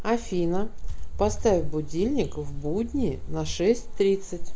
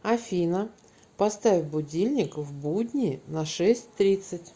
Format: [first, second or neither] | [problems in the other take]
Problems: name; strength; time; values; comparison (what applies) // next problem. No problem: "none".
second | background sound (Walk, footsteps); 2 dB below the speech